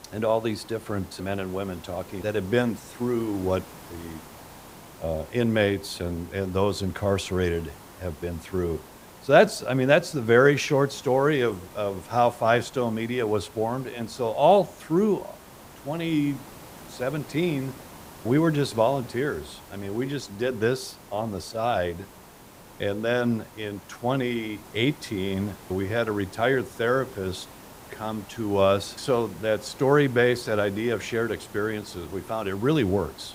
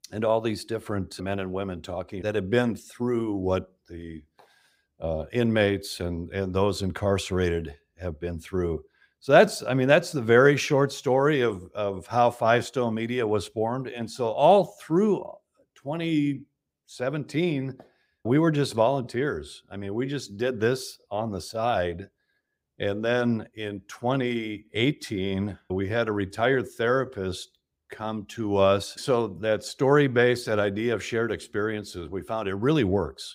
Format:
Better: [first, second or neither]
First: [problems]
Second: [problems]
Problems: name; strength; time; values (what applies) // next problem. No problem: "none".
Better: second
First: hiss; noticeable; throughout; 20 dB below the speech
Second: none